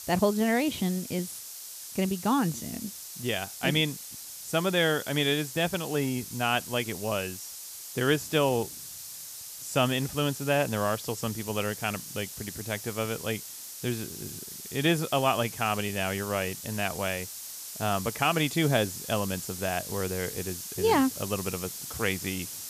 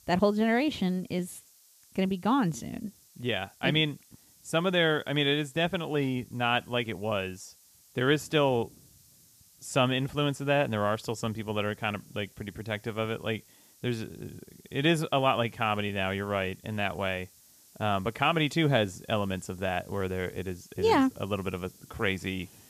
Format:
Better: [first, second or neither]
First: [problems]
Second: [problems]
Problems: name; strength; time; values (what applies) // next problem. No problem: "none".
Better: second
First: hiss; loud; throughout; 9 dB below the speech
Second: hiss; faint; throughout; 25 dB below the speech